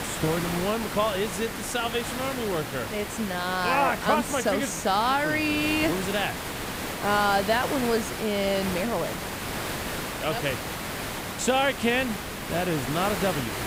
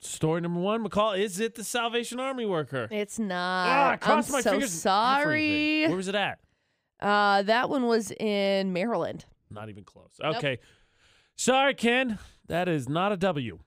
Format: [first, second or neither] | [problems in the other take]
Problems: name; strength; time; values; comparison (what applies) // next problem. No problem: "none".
second | hiss; loud; throughout; 5 dB below the speech